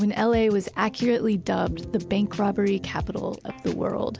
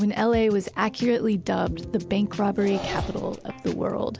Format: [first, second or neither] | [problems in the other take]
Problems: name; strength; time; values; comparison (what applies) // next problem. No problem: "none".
first | background sound (Engine); 16 dB below the speech